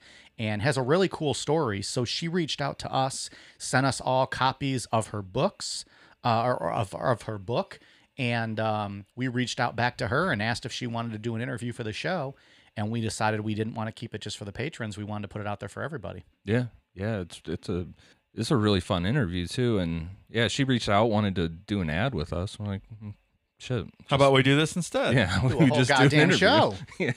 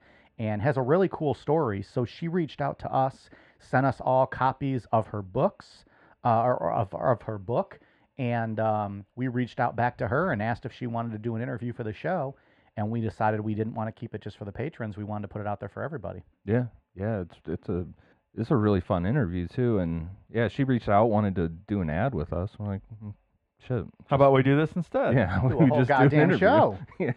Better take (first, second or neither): first